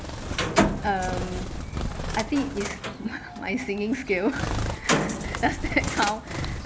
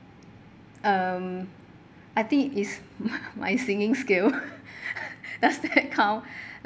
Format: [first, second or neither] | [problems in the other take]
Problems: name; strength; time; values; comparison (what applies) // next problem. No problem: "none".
second | background sound (Bird); 1 dB above the speech